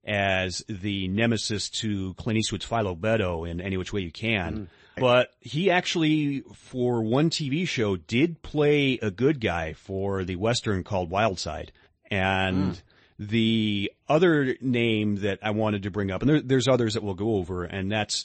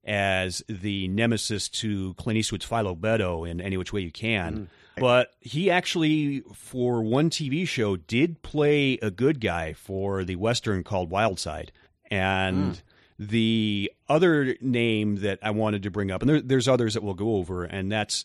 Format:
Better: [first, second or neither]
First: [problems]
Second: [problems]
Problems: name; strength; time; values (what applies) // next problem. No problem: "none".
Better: second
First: garbled, watery; slightly; nothing above 8 kHz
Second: none